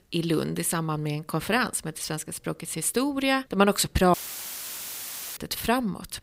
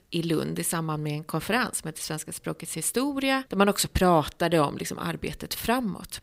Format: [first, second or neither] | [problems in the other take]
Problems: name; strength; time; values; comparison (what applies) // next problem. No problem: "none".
second | audio cutting out; filled with static; at 4 s for 1 s